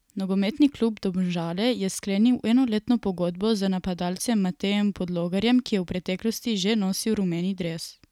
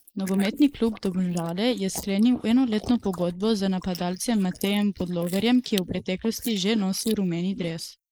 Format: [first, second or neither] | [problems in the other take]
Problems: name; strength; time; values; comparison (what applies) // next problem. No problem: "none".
first | noise reduction (neural mask model Resemble Enhance denoiser)